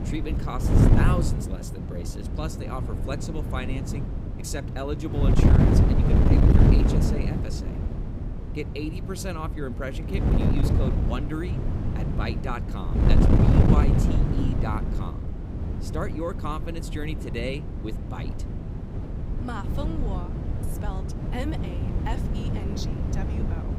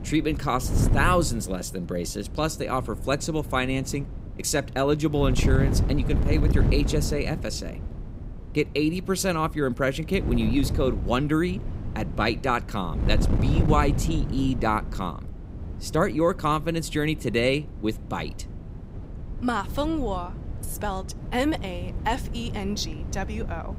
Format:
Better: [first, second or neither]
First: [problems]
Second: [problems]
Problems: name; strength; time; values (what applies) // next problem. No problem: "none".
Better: second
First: wind noise on the microphone; heavy; 1 dB above the speech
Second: wind noise on the microphone; occasional gusts; 15 dB below the speech